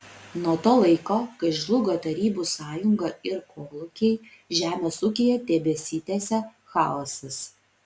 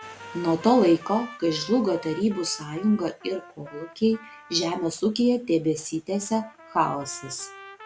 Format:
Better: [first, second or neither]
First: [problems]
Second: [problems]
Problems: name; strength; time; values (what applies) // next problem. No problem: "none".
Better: first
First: none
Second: background sound (Trumpet); 20 dB below the speech